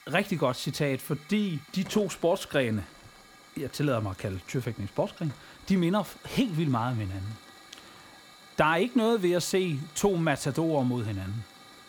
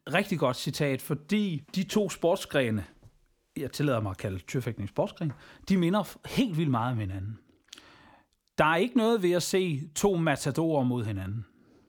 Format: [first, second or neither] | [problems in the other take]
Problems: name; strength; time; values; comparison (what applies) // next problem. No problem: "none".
second | hiss; faint; throughout; 20 dB below the speech